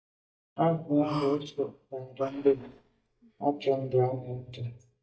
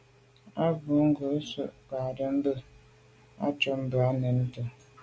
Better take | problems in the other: second | noise reduction (neural mask model DeepFilterNet 3)

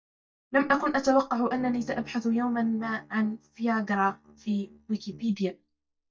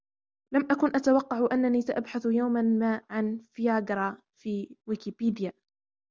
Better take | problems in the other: second | noise reduction (neural mask model DeepFilterNet 3)

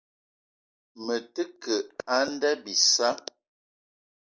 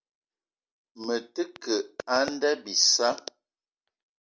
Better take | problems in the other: second | noise reduction (neural mask model Resemble Enhance denoiser)

